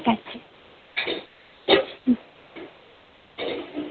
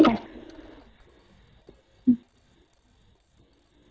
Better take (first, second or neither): first